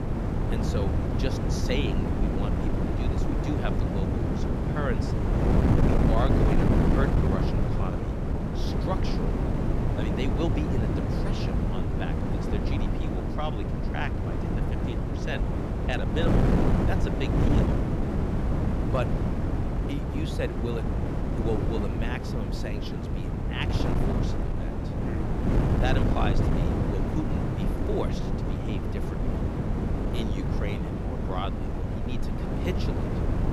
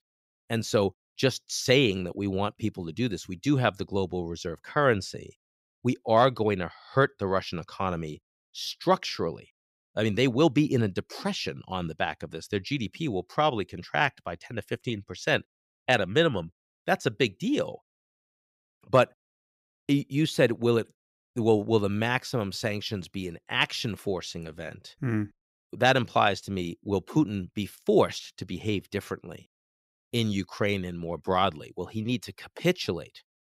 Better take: second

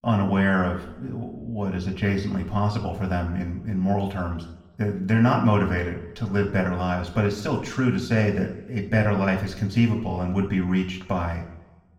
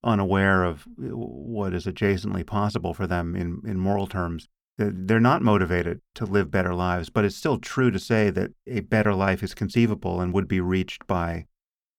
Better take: second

